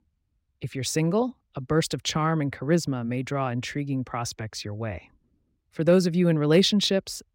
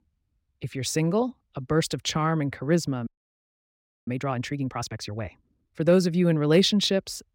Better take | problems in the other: first | audio freezing; at 3 s for 1 s

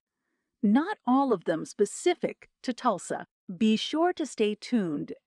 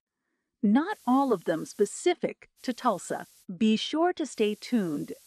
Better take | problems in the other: first | hiss; faint; from 1 to 2 s, at 2.5 s and at 4.5 s; 25 dB below the speech

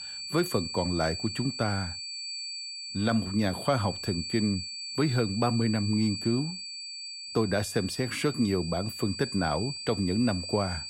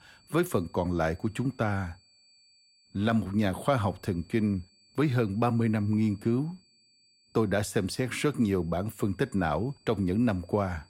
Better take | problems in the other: second | high-pitched whine; loud; throughout; 4.5 kHz, 6 dB below the speech; faint in the second

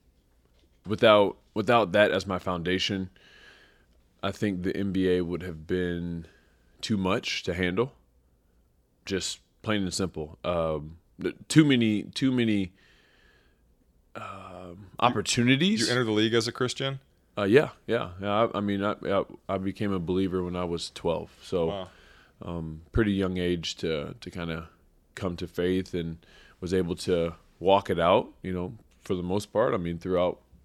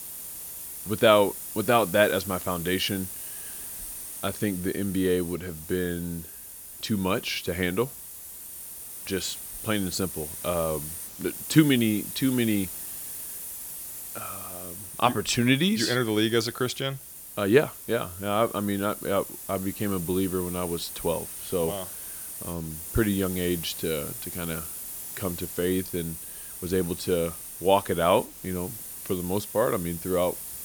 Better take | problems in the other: first | hiss; loud; throughout; 9 dB below the speech

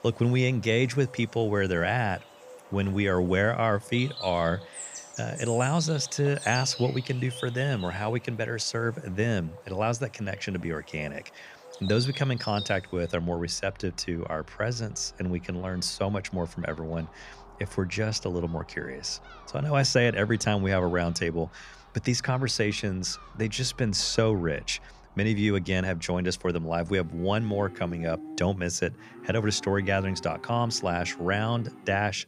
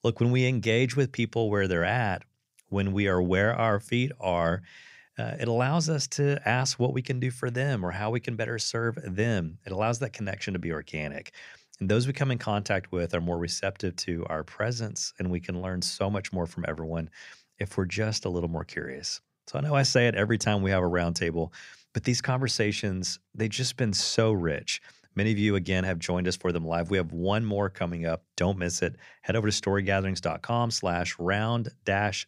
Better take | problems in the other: second | animal sounds; noticeable; throughout; 15 dB below the speech

